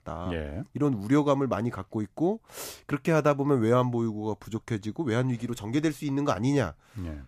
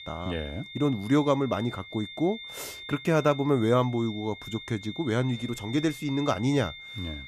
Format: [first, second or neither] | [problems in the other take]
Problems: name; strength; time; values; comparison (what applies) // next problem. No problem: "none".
first | high-pitched whine; noticeable; throughout; 3.5 kHz, 15 dB below the speech